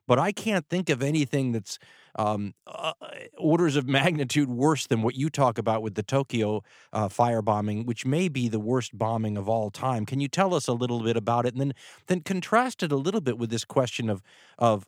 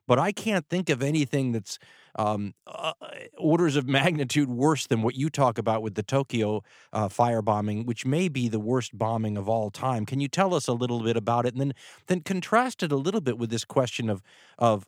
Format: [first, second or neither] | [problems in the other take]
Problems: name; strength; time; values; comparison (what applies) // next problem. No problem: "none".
neither | none